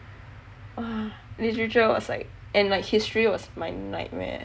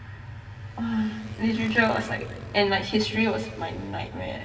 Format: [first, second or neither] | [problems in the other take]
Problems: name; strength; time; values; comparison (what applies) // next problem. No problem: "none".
first | background sound (Motorcycle); 19 dB below the speech // room echo; dies away in 1.9 s